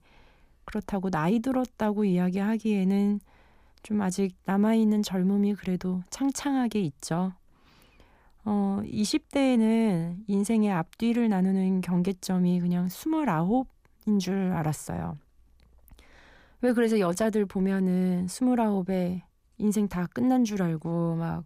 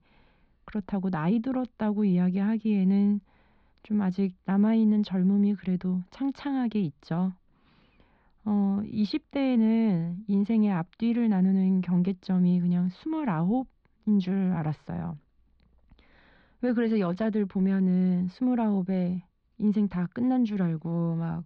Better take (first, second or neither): first